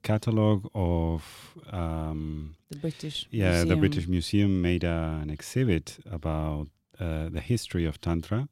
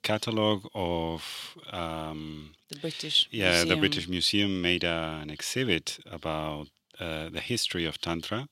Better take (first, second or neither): first